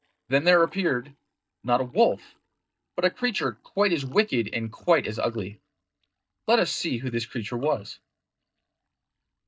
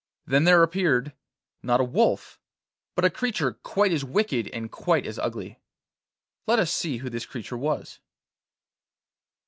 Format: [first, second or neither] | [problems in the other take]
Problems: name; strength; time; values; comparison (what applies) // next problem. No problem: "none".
second | noise reduction (neural mask model DeepFilterNet 3)